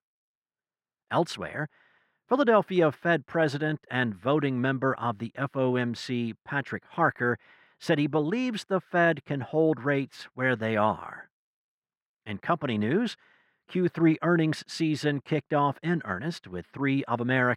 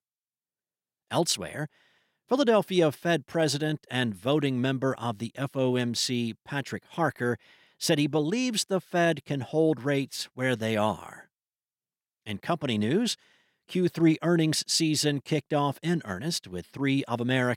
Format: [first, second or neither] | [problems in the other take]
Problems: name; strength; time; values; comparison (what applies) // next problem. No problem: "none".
second | muffled; slightly; fading above 4 kHz